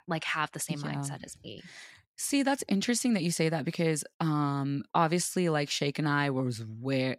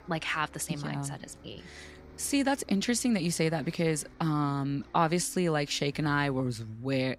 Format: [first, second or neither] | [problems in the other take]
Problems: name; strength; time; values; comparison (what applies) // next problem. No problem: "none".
first | traffic noise; faint; throughout; 25 dB below the speech